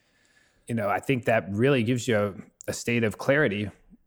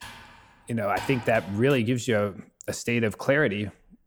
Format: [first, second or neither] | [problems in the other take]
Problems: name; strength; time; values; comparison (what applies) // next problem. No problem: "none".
first | keyboard typing; faint; until 2 s; peak 10 dB below the speech